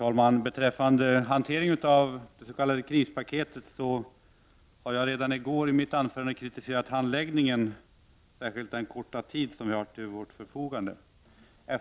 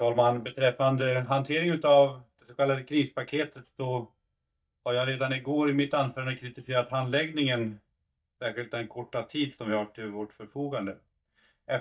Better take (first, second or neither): first